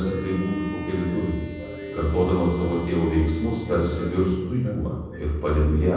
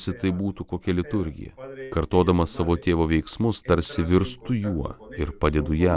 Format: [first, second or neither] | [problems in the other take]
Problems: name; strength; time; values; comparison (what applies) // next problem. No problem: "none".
second | background sound (Bowed string instrument); 15 dB below the speech // room echo; dies away in 1.1 s